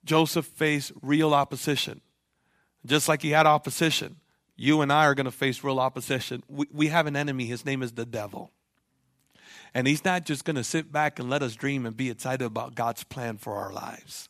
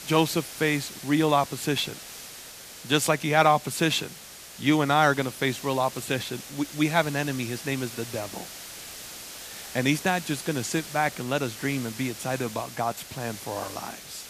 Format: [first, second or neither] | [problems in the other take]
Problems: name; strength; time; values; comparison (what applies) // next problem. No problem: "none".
first | hiss; noticeable; throughout; 15 dB below the speech